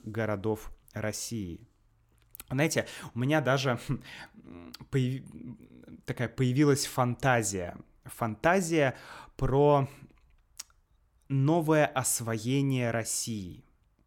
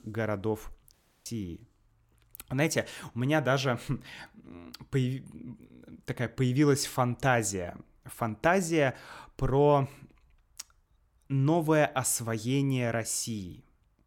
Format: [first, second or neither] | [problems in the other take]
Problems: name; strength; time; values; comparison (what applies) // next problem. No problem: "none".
first | audio cutting out; at 1 s